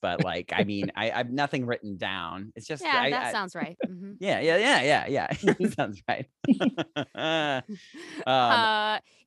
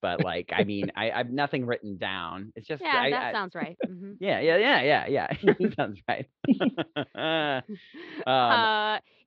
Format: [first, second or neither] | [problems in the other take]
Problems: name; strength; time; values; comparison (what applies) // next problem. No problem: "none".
first | muffled; very slightly; fading above 4 kHz